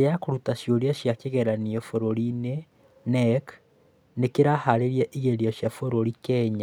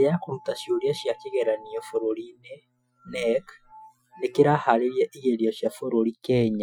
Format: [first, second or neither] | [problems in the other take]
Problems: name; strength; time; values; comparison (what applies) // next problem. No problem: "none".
first | noise reduction (classical method Wiener filter)